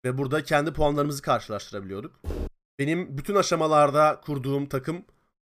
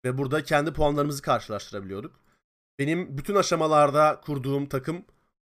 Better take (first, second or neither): second